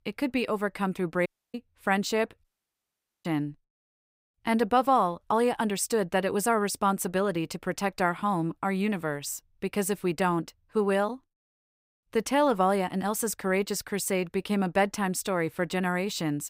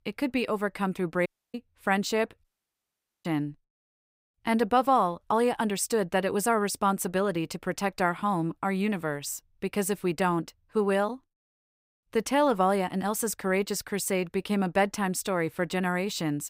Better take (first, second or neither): neither